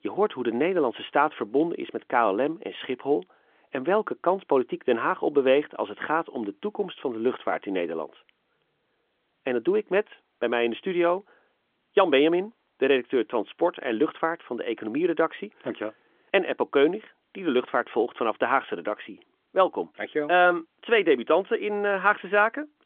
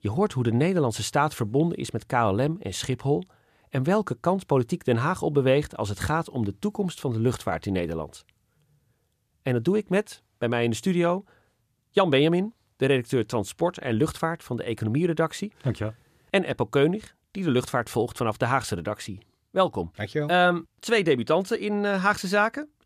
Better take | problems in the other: second | phone-call audio; nothing above 3.5 kHz

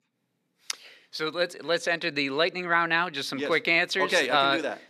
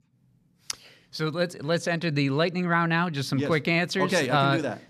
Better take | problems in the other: second | thin; somewhat; fading below 400 Hz

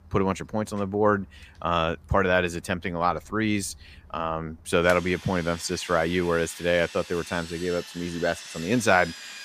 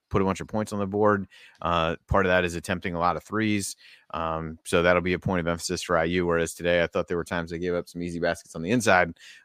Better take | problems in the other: second | machinery noise; noticeable; throughout; 15 dB below the speech

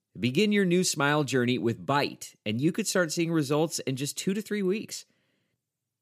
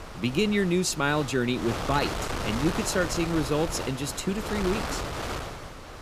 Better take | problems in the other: first | wind noise on the microphone; heavy; 5 dB below the speech

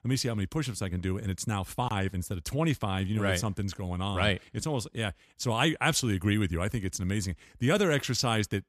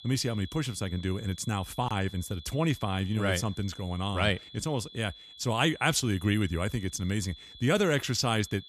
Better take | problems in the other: first | high-pitched whine; noticeable; throughout; 3.5 kHz, 15 dB below the speech

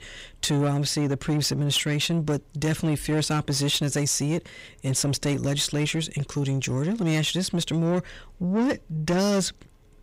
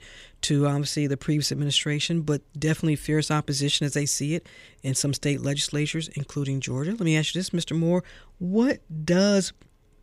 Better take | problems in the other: second | distortion; slight; 10 dB below the speech

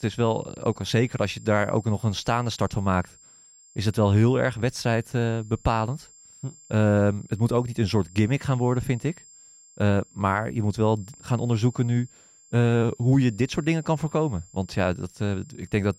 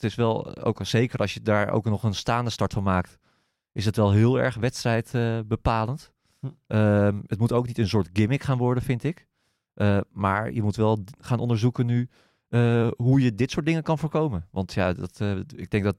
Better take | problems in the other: second | high-pitched whine; faint; throughout; 7.5 kHz, 25 dB below the speech

